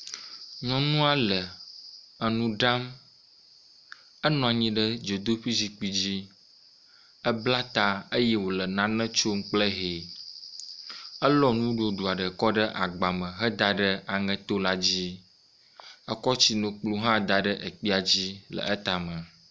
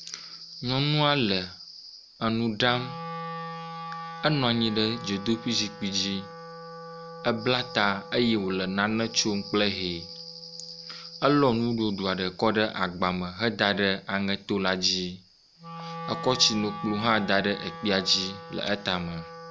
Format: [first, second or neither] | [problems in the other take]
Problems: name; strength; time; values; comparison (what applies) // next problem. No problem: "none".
first | background sound (Wind instrument, woodwind instrument); 14 dB below the speech